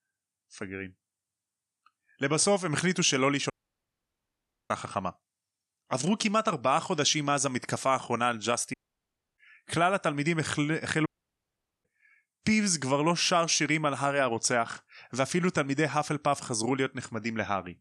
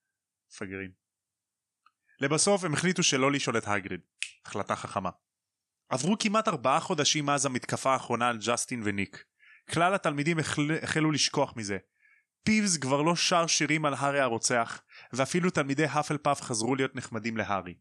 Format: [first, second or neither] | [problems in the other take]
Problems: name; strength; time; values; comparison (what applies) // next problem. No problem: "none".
second | audio cutting out; at 3.5 s for 1 s, at 8.5 s for 0.5 s and at 11 s for 1 s